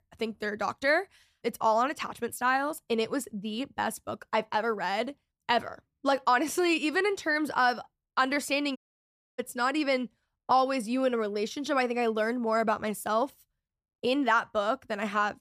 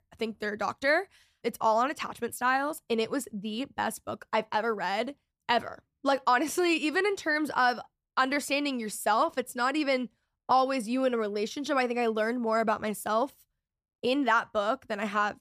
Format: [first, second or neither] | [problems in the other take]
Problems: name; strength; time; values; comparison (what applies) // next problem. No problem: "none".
second | audio cutting out; at 9 s for 0.5 s